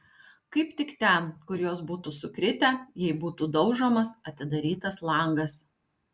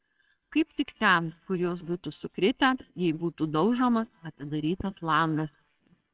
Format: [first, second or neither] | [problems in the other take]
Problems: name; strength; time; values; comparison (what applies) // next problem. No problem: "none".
first | noise reduction (neural separator model SepFormer WHAMR!)